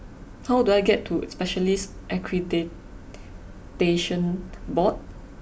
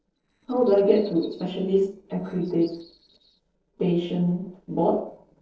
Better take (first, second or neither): first